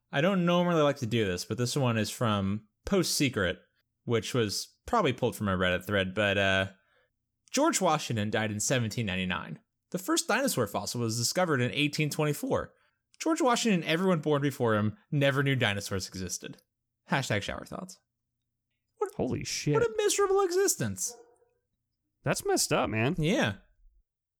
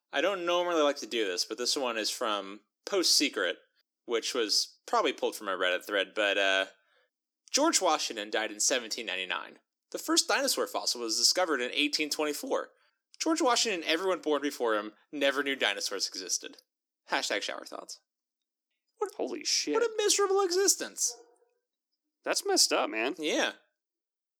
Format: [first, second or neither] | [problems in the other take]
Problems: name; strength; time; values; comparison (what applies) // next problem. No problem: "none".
first | thin; somewhat; fading below 300 Hz